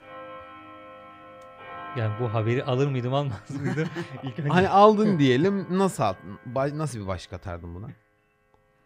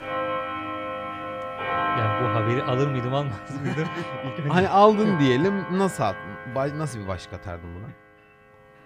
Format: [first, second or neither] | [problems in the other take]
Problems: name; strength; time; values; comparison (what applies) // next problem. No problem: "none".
first | household noises; loud; throughout; 7 dB below the speech; faint in the first